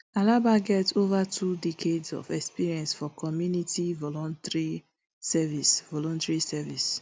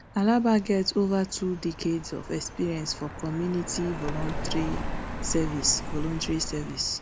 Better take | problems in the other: first | background sound (Car passing by); 7 dB below the speech

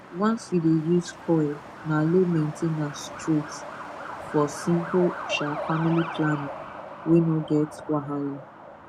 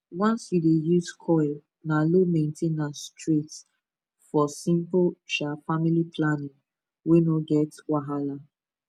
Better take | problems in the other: second | background sound (Truck); 11 dB below the speech

